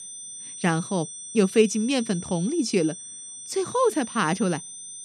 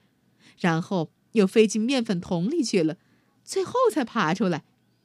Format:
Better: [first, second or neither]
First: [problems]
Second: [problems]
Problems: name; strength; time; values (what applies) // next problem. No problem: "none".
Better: second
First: high-pitched whine; noticeable; throughout; 8.5 kHz, 10 dB below the speech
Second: none